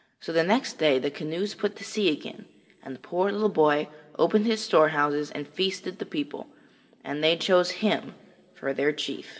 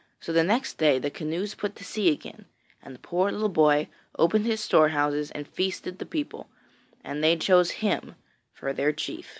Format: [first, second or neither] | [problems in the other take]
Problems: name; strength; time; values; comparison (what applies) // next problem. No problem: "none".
second | room echo; dies away in 1.1 s